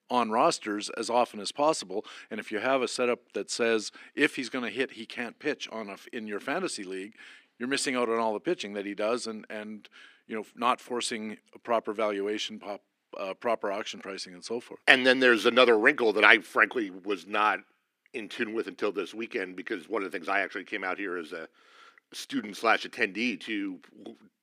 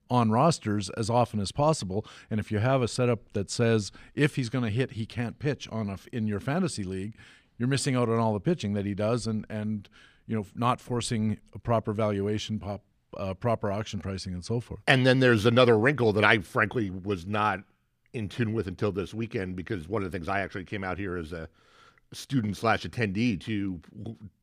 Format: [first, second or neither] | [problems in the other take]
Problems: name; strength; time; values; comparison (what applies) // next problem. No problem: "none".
second | thin; somewhat; fading below 300 Hz